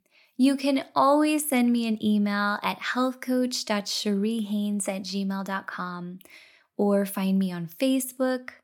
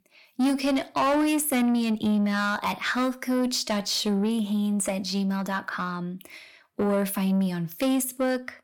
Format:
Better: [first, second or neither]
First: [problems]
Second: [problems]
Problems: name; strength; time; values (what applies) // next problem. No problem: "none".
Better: first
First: none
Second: distortion; slight; 10 dB below the speech